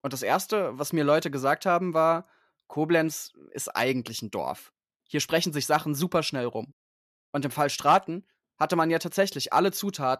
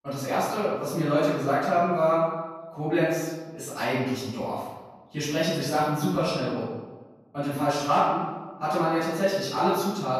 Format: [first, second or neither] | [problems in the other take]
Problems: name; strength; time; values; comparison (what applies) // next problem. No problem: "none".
first | room echo; strong; dies away in 1.1 s // off-mic speech; far